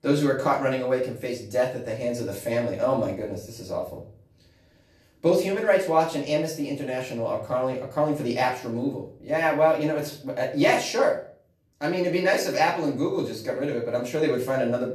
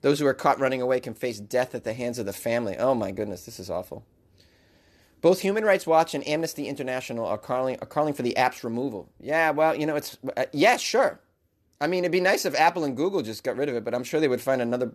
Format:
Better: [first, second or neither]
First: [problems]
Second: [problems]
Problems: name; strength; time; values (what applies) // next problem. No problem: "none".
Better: second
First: off-mic speech; far // room echo; slight; dies away in 0.4 s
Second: none